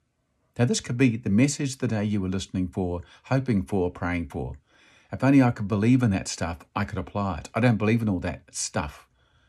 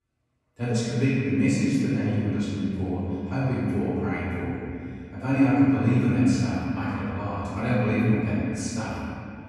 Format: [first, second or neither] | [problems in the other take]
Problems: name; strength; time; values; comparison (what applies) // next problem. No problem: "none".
first | room echo; strong; dies away in 2.6 s // off-mic speech; far